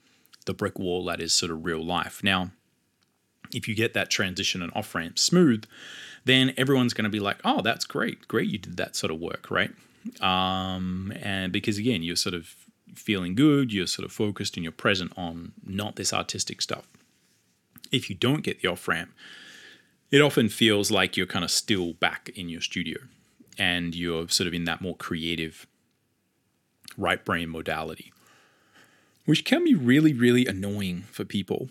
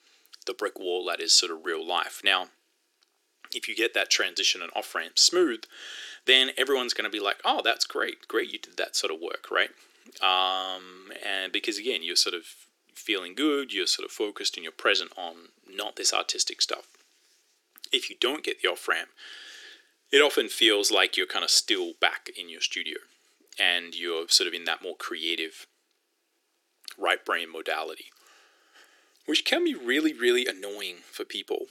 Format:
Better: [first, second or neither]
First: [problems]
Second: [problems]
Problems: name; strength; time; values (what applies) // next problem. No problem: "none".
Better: first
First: none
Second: thin; very; fading below 350 Hz